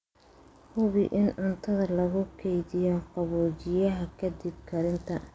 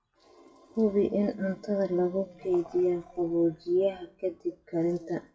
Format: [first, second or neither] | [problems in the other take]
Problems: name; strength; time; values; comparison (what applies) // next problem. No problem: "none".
first | noise reduction (classical method WPE with log-MMSE)